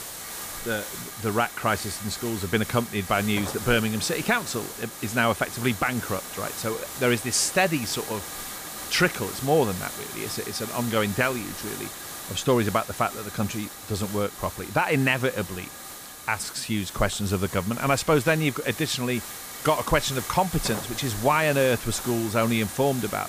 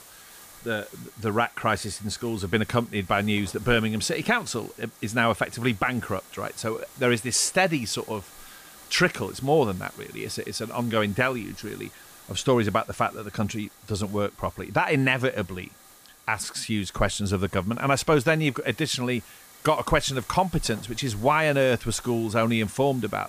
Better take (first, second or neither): second